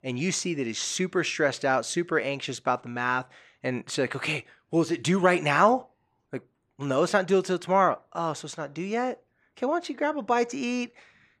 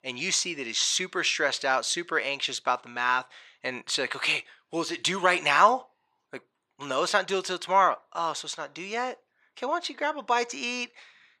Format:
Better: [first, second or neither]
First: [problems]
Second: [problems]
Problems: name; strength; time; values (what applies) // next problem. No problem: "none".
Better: first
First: none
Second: thin; somewhat; fading below 950 Hz